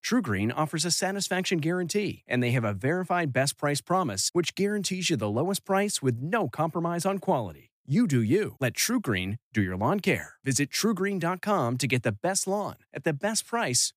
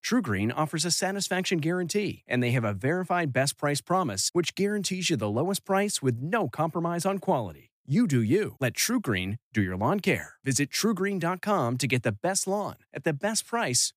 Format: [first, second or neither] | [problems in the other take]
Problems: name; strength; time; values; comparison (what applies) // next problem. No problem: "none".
neither | none